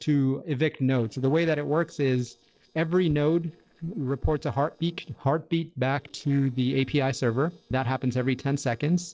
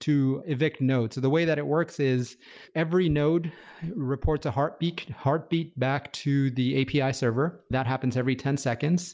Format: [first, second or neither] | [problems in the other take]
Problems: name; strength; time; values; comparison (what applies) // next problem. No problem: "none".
second | noise reduction (neural separator model SepFormer DNS4)